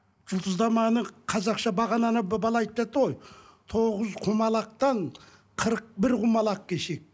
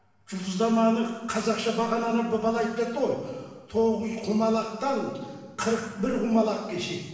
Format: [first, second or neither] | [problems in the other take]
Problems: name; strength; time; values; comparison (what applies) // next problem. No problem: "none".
first | room echo; dies away in 1 s